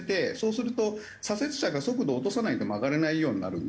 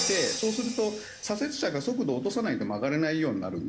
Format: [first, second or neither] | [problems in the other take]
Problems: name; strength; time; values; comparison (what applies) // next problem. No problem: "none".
first | background sound (Crash cymbal); 9 dB below the speech